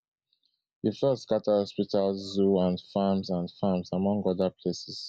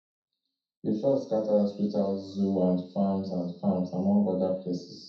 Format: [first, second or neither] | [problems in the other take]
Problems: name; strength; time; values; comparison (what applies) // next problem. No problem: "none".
first | room echo; dies away in 0.7 s